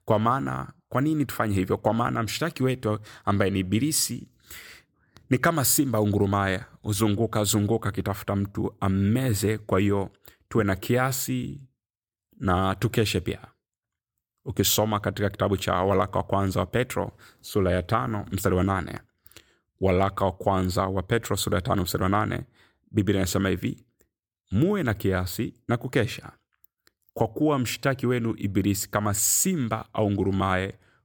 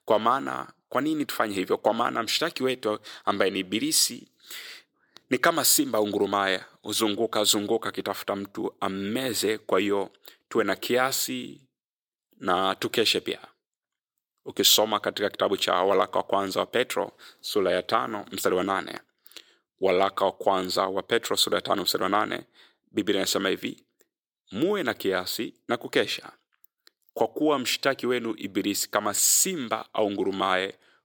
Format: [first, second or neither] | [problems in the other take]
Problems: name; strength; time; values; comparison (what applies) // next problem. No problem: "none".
first | thin; somewhat; fading below 350 Hz